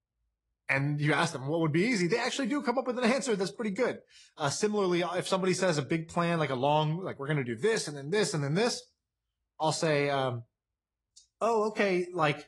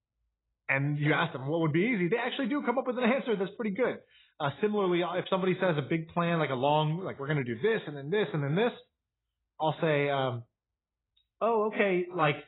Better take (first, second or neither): first